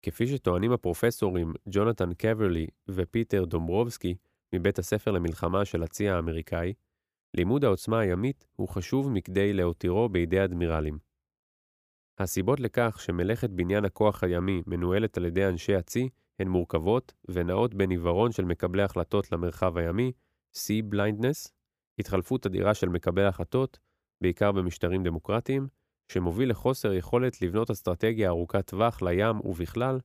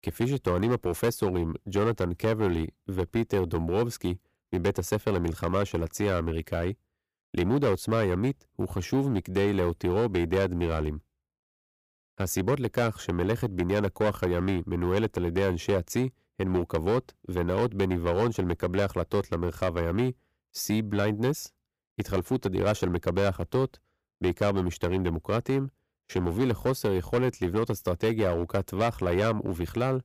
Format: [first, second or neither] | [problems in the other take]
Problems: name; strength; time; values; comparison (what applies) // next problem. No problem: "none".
first | distortion; slight; 6% of the sound clipped